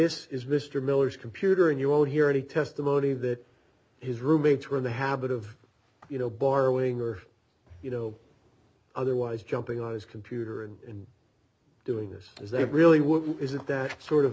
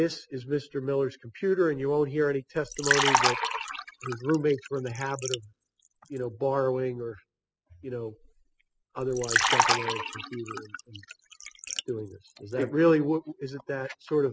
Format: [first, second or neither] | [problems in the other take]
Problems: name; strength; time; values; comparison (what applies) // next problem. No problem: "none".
first | noise reduction (classical method spectral subtraction)